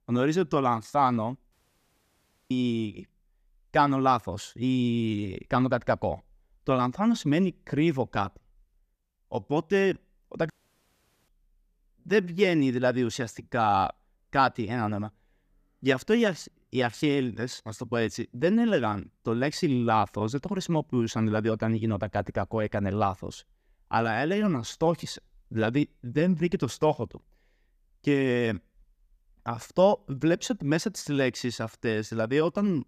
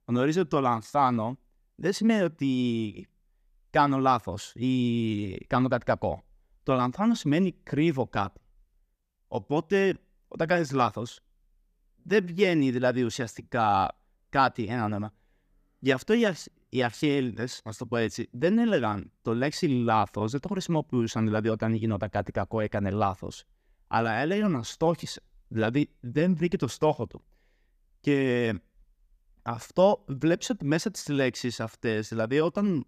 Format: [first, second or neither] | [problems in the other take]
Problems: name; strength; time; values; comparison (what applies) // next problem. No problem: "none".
second | audio cutting out; at 1.5 s for 1 s and at 11 s for 1 s